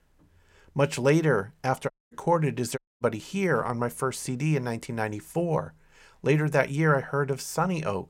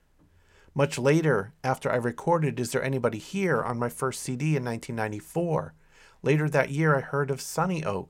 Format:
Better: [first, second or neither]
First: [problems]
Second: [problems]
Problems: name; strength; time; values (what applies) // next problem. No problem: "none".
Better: second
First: audio cutting out; at 2 s and at 3 s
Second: none